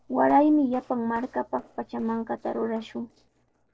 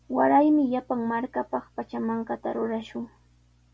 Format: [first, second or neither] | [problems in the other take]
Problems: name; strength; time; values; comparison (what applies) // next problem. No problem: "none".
second | noise reduction (neural separator model SepFormer DNS4)